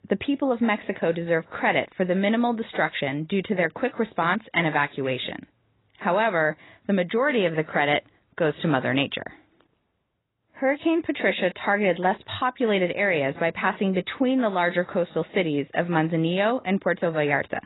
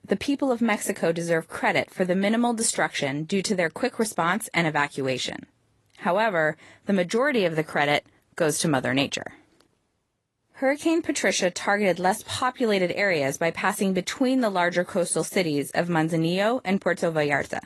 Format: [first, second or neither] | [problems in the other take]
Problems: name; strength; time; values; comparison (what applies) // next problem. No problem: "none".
second | garbled, watery; badly; nothing above 4 kHz; slightly in the second